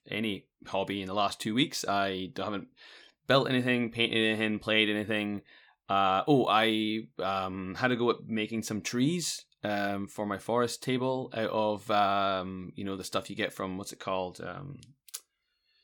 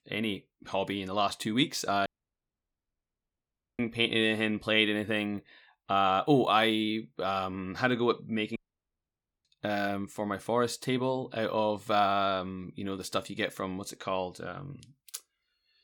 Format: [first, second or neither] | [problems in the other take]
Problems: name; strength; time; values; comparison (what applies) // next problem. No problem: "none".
first | audio cutting out; at 2 s for 1.5 s and at 8.5 s for 1 s